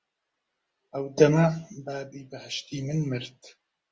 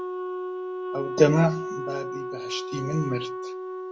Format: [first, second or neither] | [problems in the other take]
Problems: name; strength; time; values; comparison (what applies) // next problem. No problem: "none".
first | background sound (Wind instrument, woodwind instrument); 5 dB below the speech